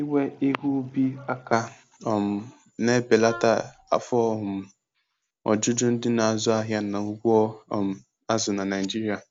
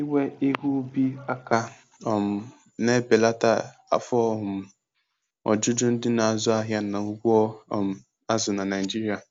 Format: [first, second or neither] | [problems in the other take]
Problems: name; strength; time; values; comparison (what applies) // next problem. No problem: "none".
second | background sound (Wind instrument, woodwind instrument); 16 dB below the speech